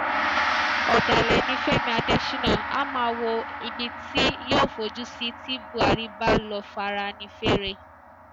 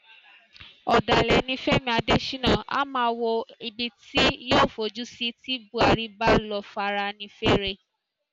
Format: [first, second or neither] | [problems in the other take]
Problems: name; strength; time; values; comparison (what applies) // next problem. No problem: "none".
second | background sound (Gong); 4 dB below the speech